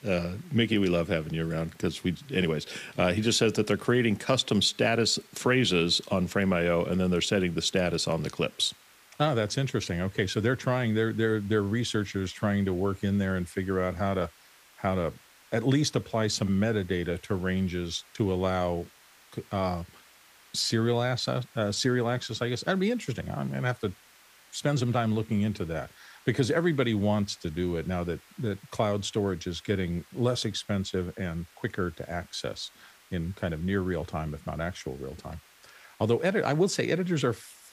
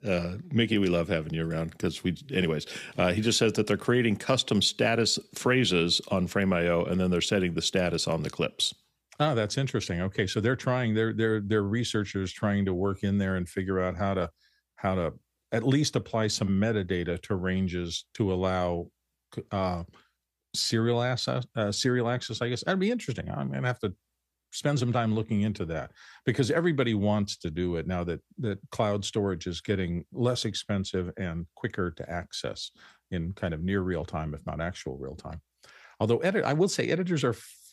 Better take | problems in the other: second | hiss; faint; throughout; 25 dB below the speech

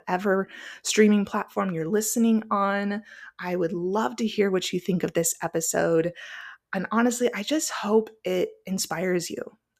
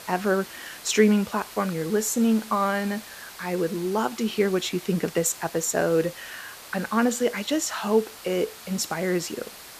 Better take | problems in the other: first | hiss; noticeable; throughout; 15 dB below the speech

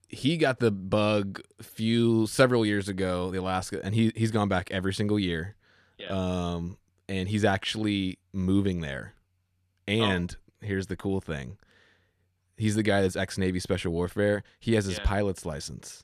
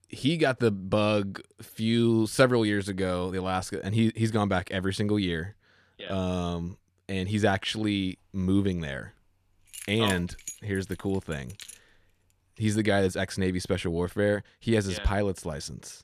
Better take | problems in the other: first | jangling keys; faint; from 9.5 to 12 s; peak 10 dB below the speech

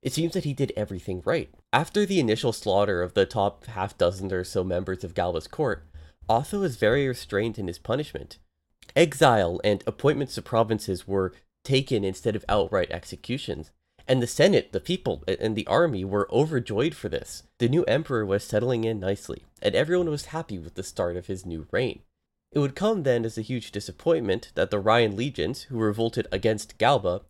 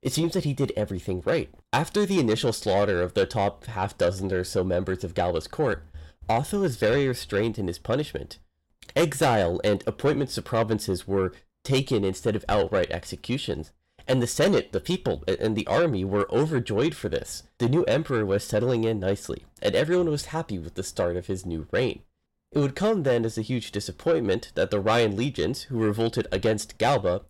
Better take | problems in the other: first | distortion; slight; 10 dB below the speech

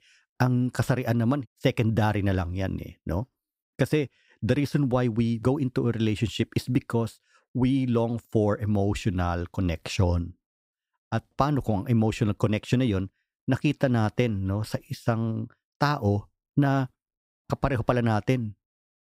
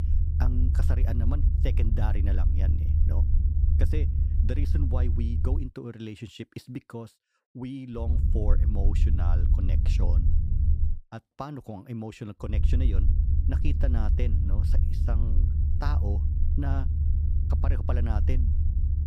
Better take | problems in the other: first | low rumble; loud; until 5.5 s, from 8 to 11 s and from 12 s on; 3 dB below the speech

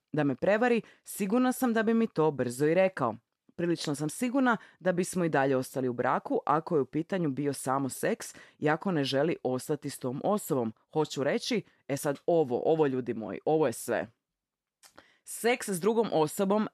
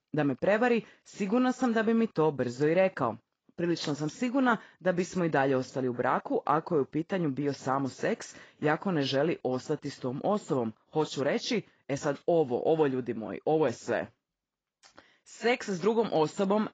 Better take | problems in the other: first | garbled, watery; badly; nothing above 7.5 kHz

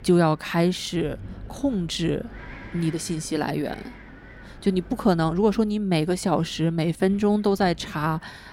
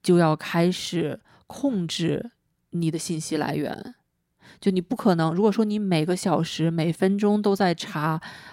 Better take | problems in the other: second | wind noise on the microphone; occasional gusts; 20 dB below the speech

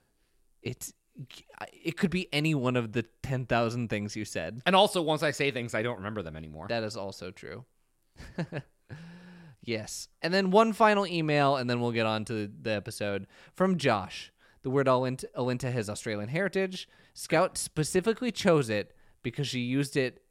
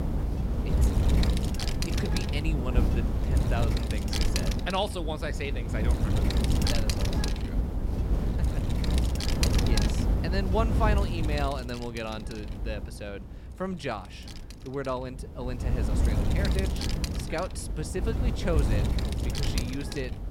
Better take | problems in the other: first | wind noise on the microphone; heavy; 1 dB below the speech

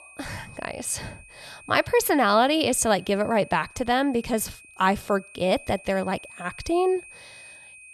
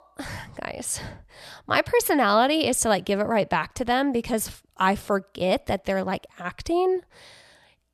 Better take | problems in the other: second | high-pitched whine; faint; throughout; 2.5 kHz, 20 dB below the speech

